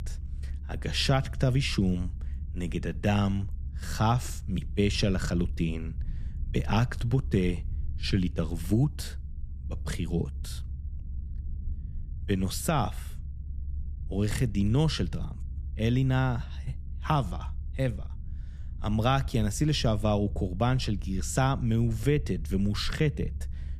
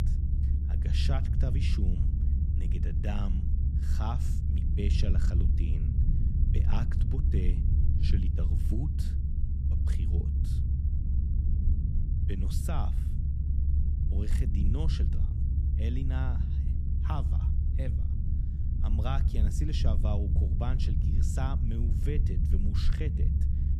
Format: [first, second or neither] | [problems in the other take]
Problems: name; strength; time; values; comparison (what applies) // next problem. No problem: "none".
first | low rumble; loud; throughout; 3 dB below the speech; faint in the first